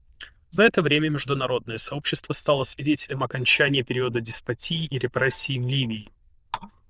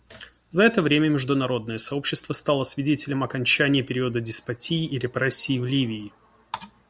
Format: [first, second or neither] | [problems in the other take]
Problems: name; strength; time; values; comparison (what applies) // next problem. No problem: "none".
second | noise reduction (neural diffusion model UNIVERSE++)